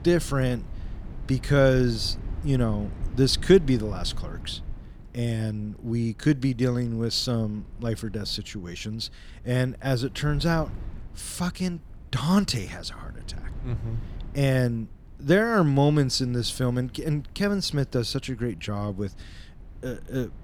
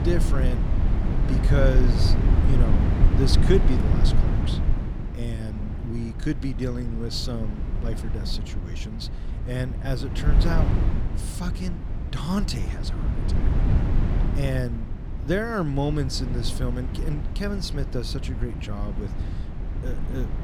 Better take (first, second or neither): first